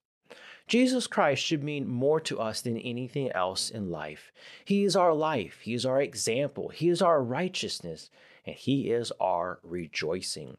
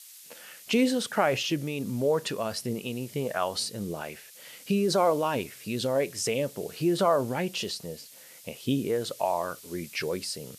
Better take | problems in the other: first | hiss; noticeable; throughout; 20 dB below the speech

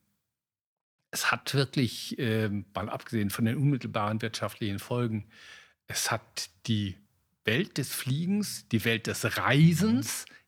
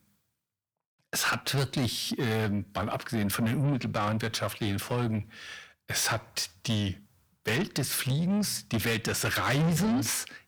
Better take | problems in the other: first | distortion; heavy; 6 dB below the speech

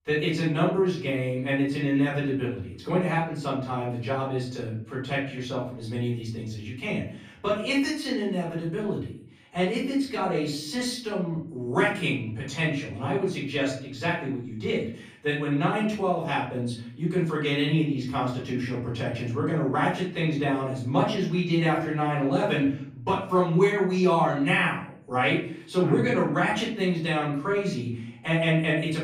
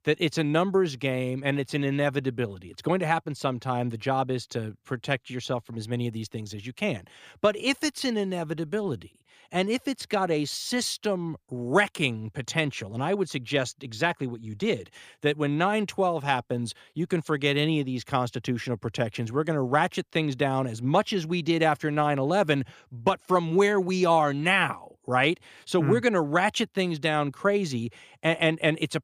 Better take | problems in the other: second | off-mic speech; far // room echo; noticeable; dies away in 0.6 s

